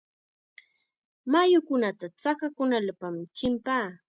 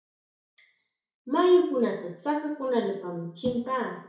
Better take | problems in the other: first | room echo; dies away in 0.6 s

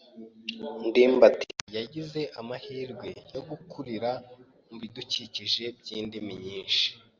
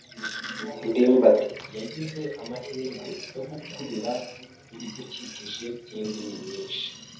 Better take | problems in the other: first | background sound (Sink (filling or washing)); 15 dB below the speech // room echo; dies away in 0.5 s

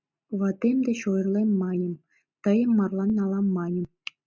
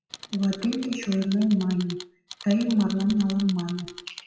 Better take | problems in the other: first | noise reduction (classical method WPE with log-MMSE)

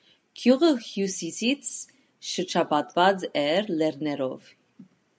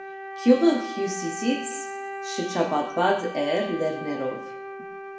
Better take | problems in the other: first | background sound (Wind instrument, woodwind instrument); 10 dB below the speech // room echo; dies away in 0.8 s

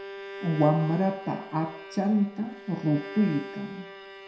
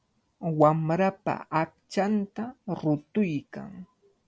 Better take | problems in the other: second | background sound (Bowed string instrument); 13 dB below the speech // room echo; dies away in 0.6 s

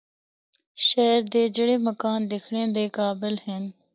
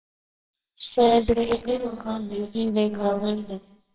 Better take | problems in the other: first | noise reduction (neural separator model SepFormer WHAMR!)

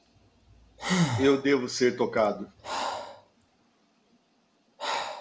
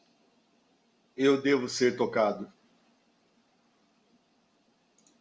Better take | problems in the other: second | background sound (Breathing); 4 dB below the speech

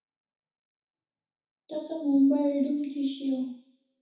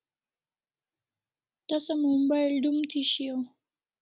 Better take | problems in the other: second | room echo; dies away in 0.7 s

